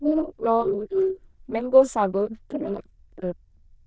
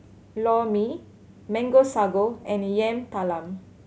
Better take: second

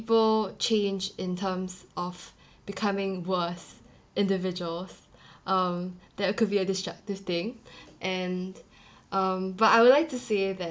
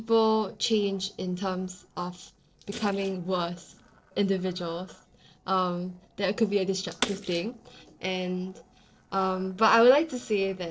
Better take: first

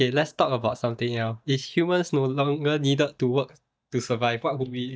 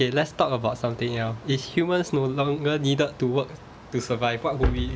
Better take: second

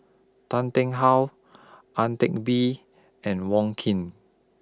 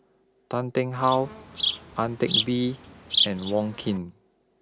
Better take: first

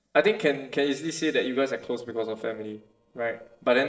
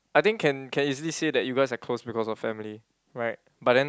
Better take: second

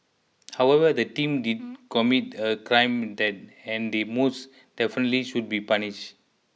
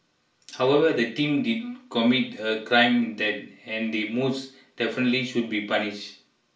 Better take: first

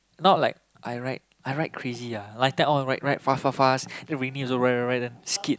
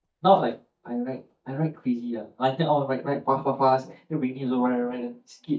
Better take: first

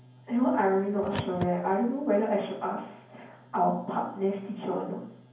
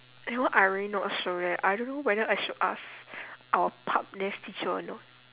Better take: second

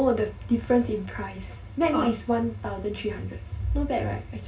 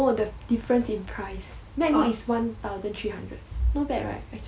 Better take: second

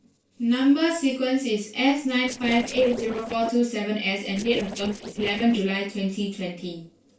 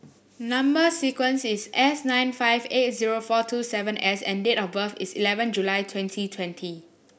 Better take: second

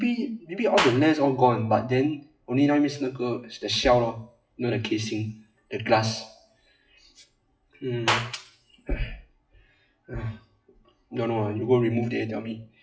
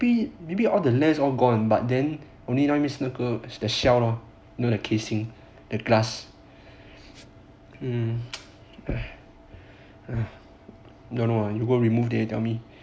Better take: second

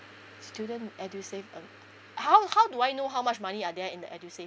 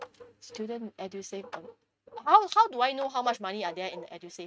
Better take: first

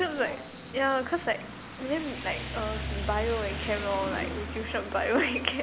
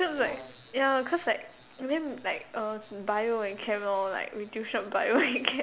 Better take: second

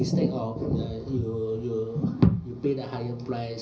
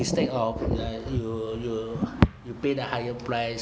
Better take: second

